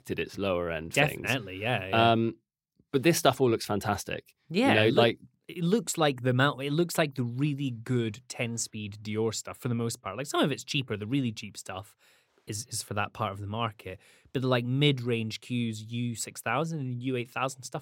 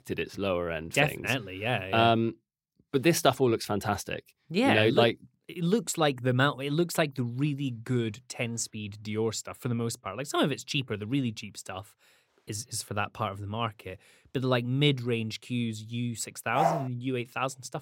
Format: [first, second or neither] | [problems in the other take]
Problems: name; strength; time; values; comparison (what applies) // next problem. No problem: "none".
first | dog barking; loud; at 17 s; peak 1 dB above the speech